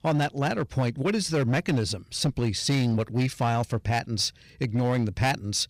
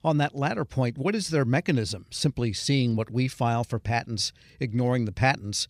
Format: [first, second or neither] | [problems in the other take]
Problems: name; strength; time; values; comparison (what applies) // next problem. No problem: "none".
second | distortion; slight; 10% of the sound clipped